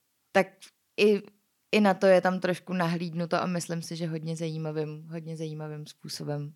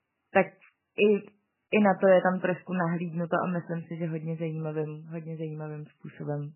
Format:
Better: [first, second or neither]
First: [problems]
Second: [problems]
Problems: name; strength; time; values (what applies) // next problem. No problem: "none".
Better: first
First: none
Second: garbled, watery; badly; nothing above 3 kHz